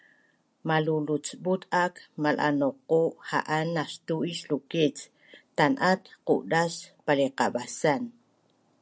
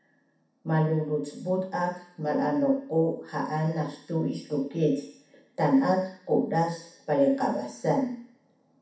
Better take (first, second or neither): first